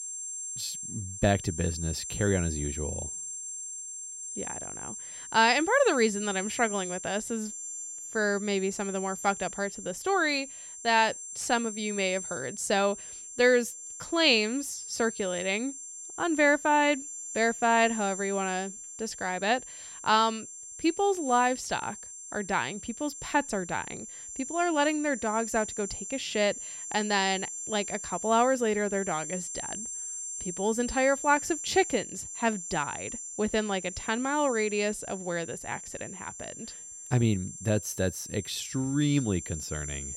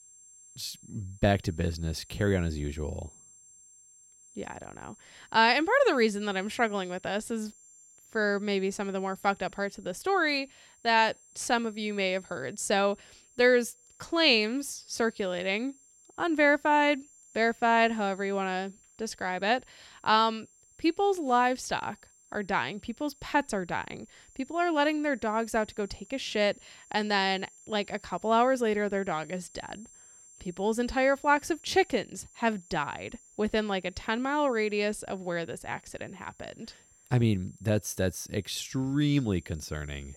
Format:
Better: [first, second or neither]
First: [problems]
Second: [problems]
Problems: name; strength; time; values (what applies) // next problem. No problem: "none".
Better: second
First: high-pitched whine; loud; throughout; 7.5 kHz, 9 dB below the speech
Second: high-pitched whine; faint; throughout; 7.5 kHz, 25 dB below the speech